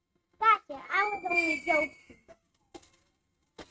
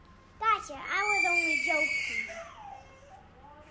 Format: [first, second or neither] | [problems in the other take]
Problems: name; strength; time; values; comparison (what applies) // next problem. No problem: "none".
second | noise reduction (neural mask model RNNoise)